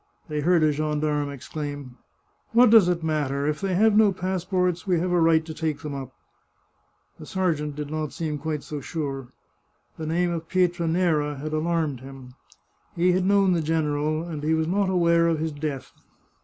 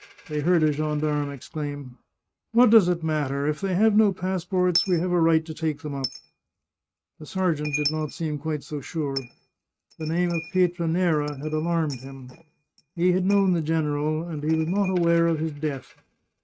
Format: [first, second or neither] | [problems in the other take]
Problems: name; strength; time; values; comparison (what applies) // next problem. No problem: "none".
first | noise reduction (neural mask model RNNoise)